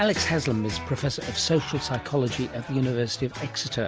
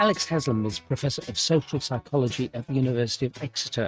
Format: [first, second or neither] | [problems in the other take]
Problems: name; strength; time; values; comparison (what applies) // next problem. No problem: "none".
first | noise reduction (neural mask model RNNoise)